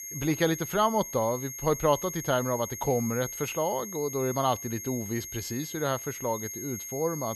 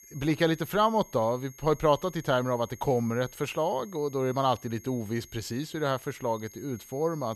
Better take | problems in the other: second | high-pitched whine; loud; throughout; 6.5 kHz, 7 dB below the speech; faint in the second

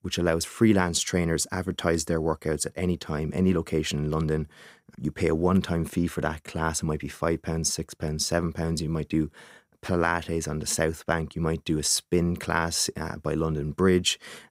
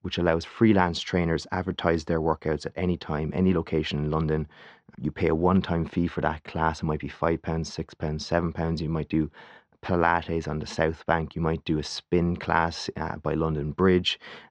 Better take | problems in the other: first | muffled; slightly; fading above 4.5 kHz

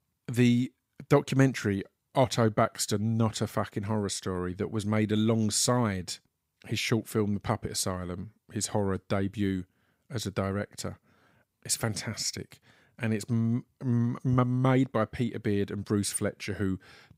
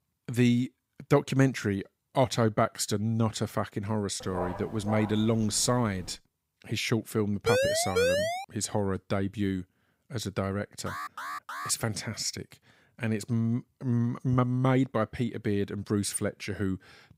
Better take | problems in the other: first | dog barking; noticeable; from 4 to 6 s; peak 7 dB below the speech // siren; loud; at 7.5 s; peak 3 dB above the speech // alarm; noticeable; at 11 s; peak 7 dB below the speech

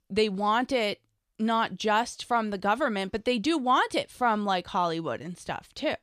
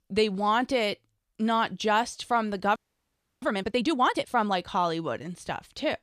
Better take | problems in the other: first | audio freezing; at 3 s for 0.5 s

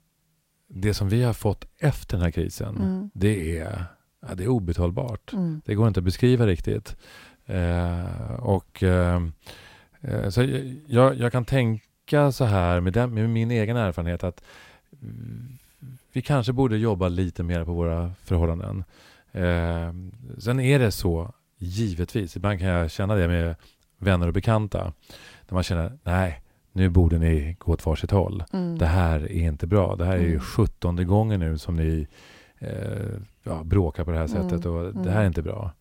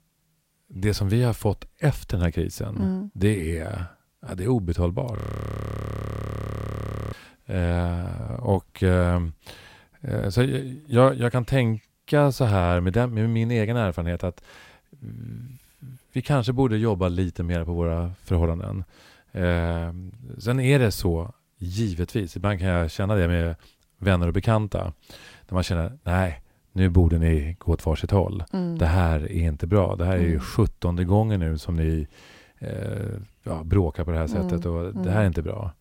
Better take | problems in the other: first | audio freezing; at 5 s for 2 s

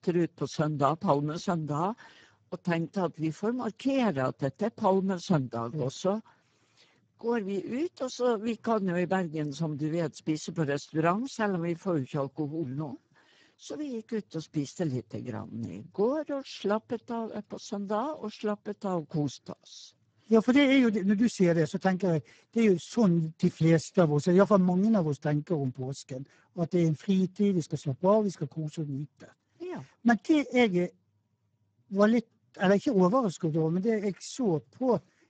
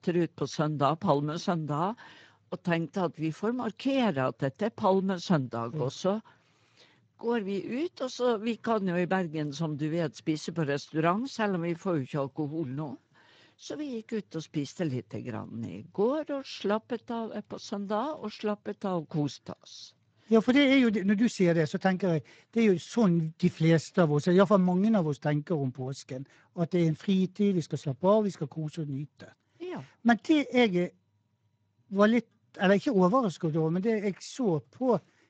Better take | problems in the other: second | garbled, watery; badly; nothing above 7.5 kHz; slightly in the second

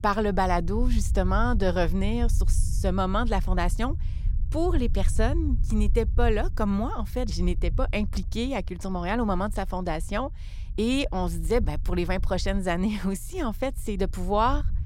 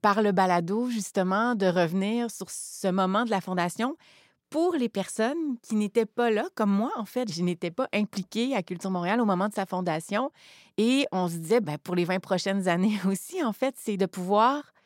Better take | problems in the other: second | low rumble; faint; throughout; 20 dB below the speech

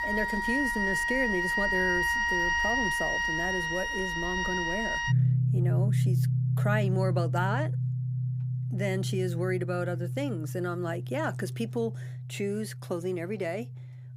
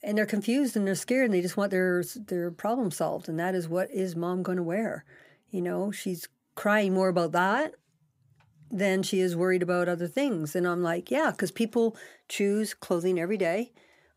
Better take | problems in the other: second | background music; very loud; throughout; 5 dB above the speech

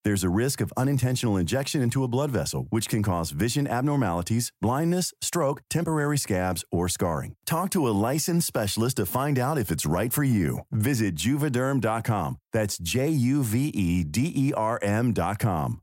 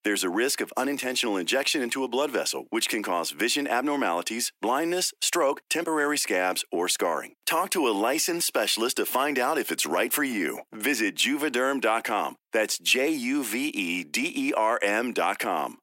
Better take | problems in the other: first | thin; somewhat; fading below 300 Hz

